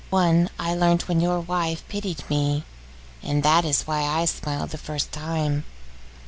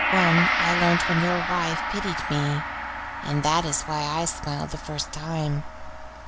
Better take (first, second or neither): first